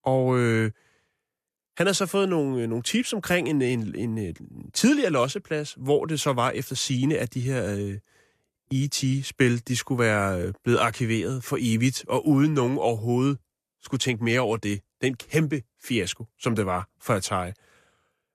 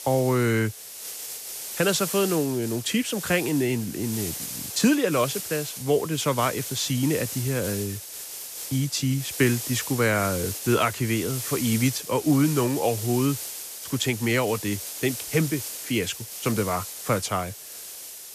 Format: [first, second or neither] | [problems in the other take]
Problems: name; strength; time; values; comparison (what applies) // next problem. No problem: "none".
first | hiss; loud; throughout; 8 dB below the speech